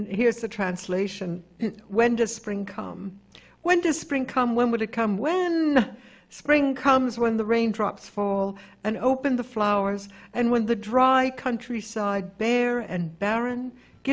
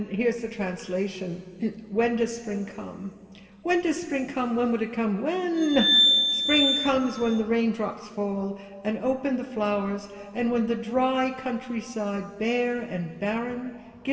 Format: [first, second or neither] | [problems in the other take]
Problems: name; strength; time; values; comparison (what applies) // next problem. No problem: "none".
first | background sound (Glass); 3 dB above the speech // room echo; dies away in 2.1 s